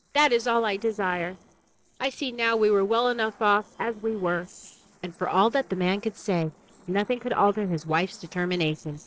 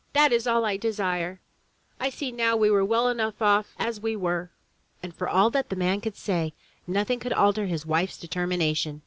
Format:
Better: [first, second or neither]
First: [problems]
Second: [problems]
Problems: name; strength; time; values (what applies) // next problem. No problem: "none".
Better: second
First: noise reduction (neural separator model SepFormer DNS4)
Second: none